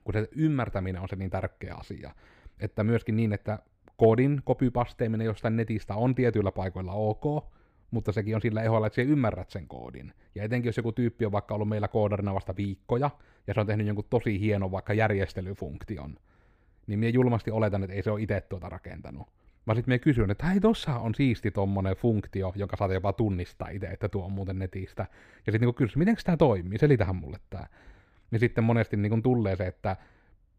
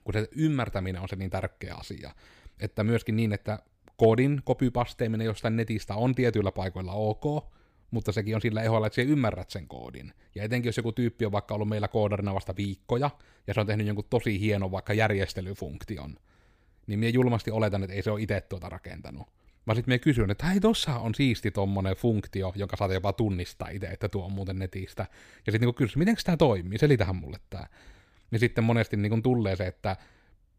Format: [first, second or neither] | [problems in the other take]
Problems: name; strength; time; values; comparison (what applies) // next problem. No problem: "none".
second | muffled; slightly; fading above 3 kHz